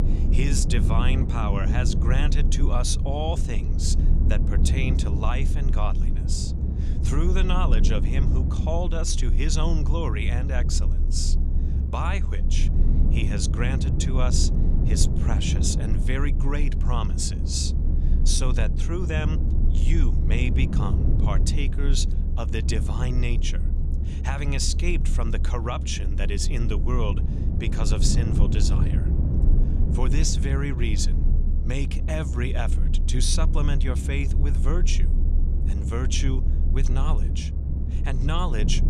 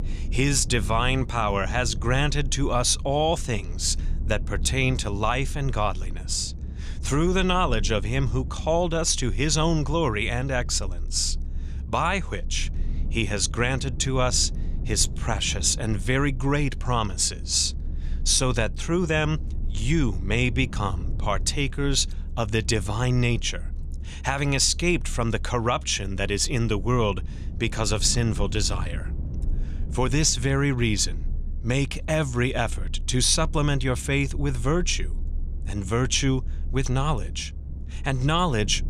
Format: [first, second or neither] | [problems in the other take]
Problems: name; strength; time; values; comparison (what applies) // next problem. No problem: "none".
second | low rumble; loud; throughout; 7 dB below the speech; faint in the second